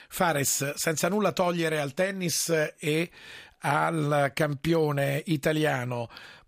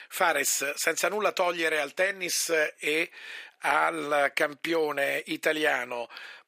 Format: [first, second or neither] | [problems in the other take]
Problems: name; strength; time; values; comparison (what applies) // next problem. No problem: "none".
first | thin; very; fading below 350 Hz